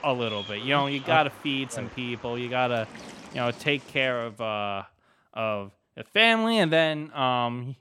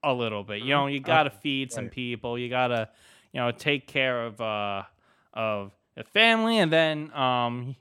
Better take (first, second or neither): second